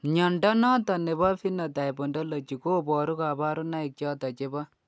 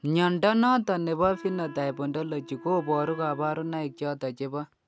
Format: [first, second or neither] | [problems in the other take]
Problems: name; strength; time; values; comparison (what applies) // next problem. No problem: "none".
first | background sound (Wind instrument, woodwind instrument); 18 dB below the speech